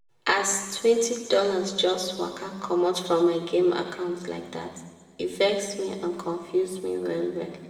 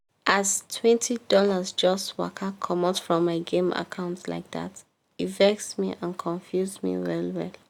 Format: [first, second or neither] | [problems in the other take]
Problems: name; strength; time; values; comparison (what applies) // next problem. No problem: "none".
second | room echo; dies away in 1.6 s